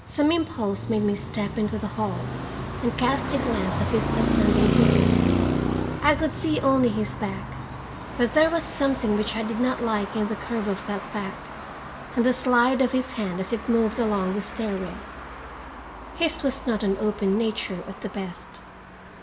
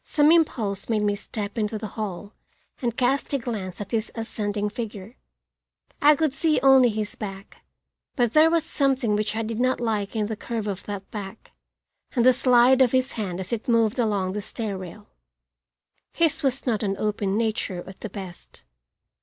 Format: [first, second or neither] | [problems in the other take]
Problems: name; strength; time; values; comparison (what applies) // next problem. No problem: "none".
second | background sound (Traffic noise, roadway noise); 3 dB below the speech // room echo; dies away in 0.6 s